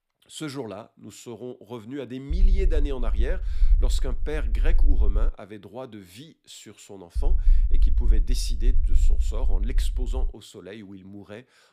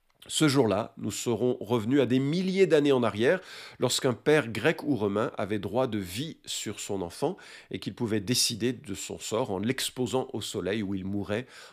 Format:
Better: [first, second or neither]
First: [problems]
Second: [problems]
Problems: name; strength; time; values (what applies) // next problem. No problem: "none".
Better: second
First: low rumble; noticeable; from 2.5 to 5.5 s and from 7 to 10 s; 15 dB below the speech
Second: none